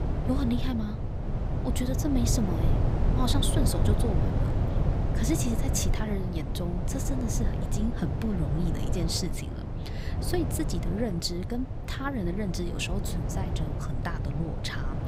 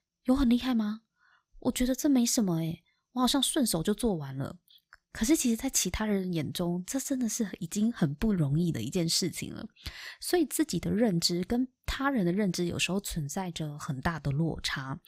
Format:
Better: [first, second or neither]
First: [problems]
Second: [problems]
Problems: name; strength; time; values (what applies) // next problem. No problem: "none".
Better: second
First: low rumble; loud; throughout; 4 dB below the speech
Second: none